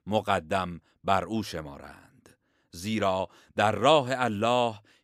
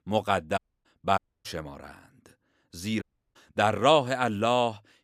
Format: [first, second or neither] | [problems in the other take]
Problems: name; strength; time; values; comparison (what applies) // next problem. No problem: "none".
first | audio cutting out; at 0.5 s, at 1 s and at 3 s